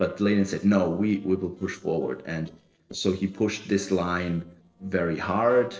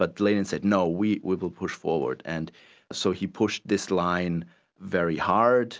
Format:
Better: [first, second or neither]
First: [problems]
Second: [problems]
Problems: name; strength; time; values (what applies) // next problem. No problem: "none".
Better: second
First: noise reduction (neural separator model SepFormer DNS4)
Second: none